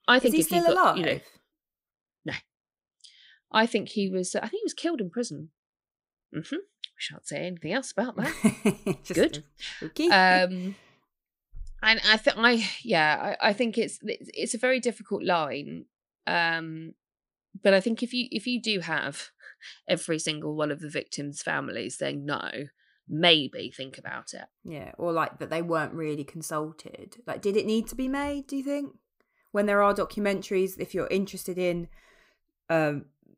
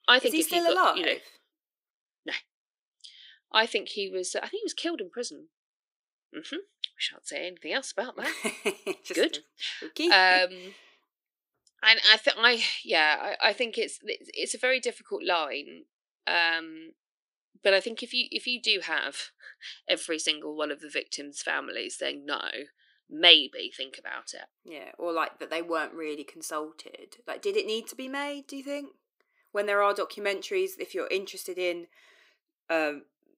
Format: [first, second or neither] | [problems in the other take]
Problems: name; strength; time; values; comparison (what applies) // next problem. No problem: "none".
first | thin; somewhat; fading below 350 Hz